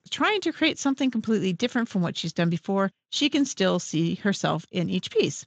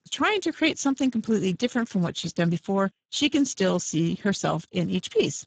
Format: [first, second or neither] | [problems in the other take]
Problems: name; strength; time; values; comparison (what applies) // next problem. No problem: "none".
first | garbled, watery; badly; nothing above 7.5 kHz; slightly in the first